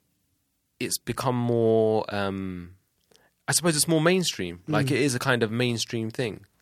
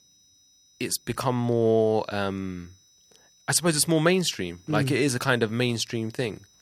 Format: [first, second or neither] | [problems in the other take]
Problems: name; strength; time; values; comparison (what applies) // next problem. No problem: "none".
first | high-pitched whine; faint; throughout; 6 kHz, 30 dB below the speech